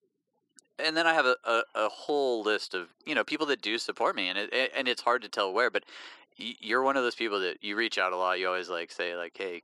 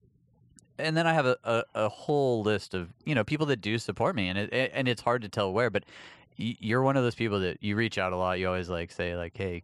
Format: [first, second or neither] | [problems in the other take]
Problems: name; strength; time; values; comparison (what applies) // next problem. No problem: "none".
second | thin; somewhat; fading below 300 Hz